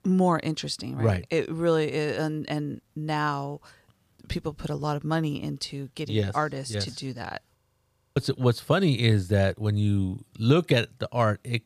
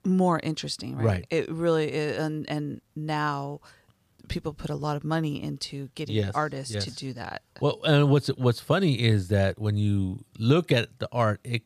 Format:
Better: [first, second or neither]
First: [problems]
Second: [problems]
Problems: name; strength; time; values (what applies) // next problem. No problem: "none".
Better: second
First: audio freezing; at 7.5 s for 0.5 s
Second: none